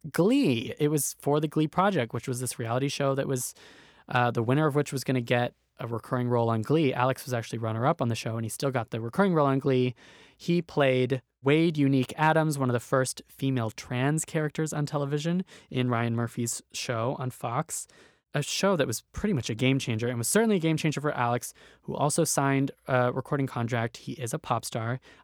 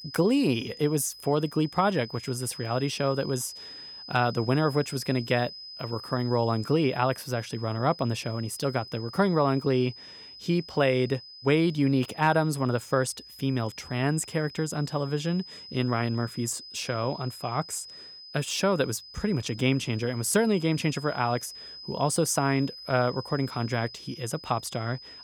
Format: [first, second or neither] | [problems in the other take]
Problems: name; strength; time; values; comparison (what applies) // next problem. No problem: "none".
first | high-pitched whine; noticeable; throughout; 5 kHz, 15 dB below the speech